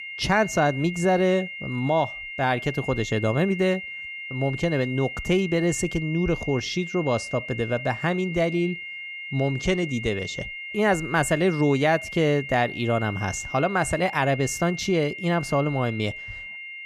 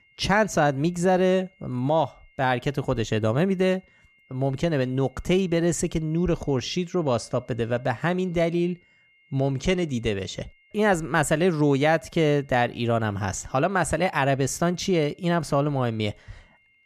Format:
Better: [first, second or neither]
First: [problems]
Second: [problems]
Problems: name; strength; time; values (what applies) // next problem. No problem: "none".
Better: second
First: high-pitched whine; loud; throughout; 2 kHz, 9 dB below the speech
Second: high-pitched whine; faint; throughout; 2 kHz, 35 dB below the speech